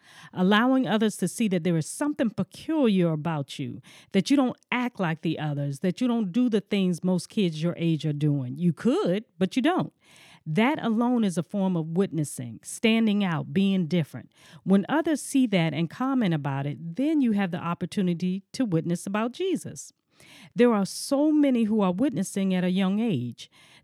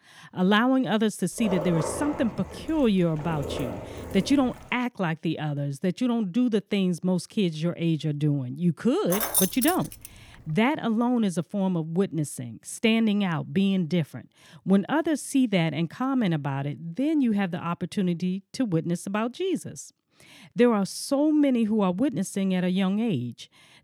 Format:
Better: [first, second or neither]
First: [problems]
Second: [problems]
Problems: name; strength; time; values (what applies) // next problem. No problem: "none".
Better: first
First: none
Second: dog barking; noticeable; from 1.5 to 4.5 s; peak 5 dB below the speech // jangling keys; loud; at 9 s; peak 3 dB above the speech